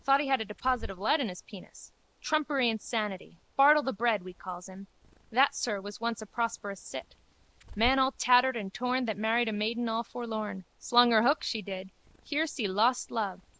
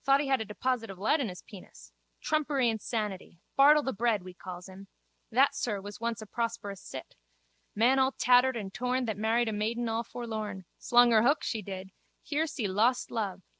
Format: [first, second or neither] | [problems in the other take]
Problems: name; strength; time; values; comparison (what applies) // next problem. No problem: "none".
second | background sound (Bird); 20 dB below the speech